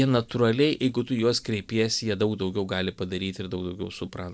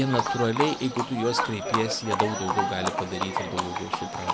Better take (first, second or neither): first